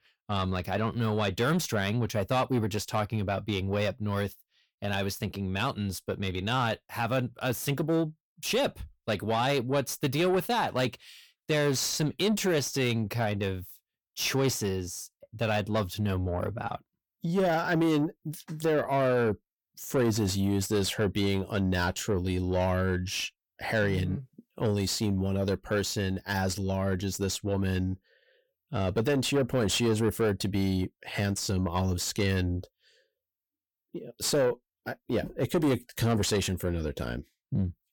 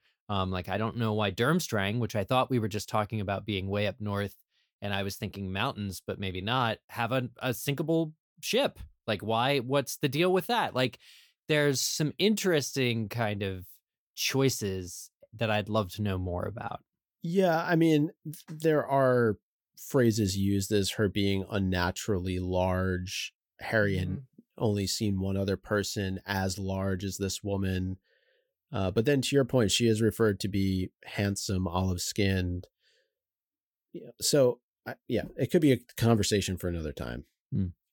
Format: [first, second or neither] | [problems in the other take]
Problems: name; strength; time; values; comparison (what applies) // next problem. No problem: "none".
second | distortion; slight; 10 dB below the speech